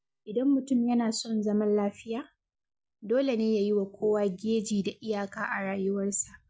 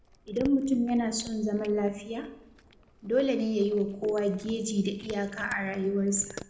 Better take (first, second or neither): first